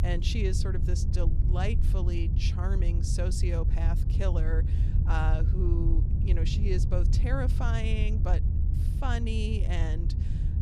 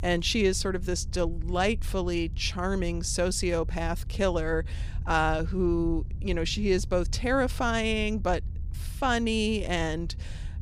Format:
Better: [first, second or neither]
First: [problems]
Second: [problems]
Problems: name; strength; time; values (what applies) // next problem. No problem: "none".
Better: second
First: low rumble; loud; throughout; 6 dB below the speech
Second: low rumble; faint; throughout; 25 dB below the speech